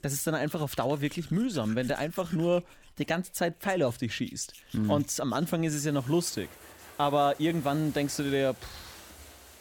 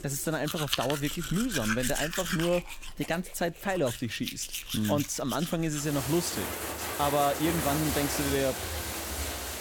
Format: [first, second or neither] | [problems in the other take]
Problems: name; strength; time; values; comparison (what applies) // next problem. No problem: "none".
first | household noises; loud; throughout; 3 dB below the speech; faint in the first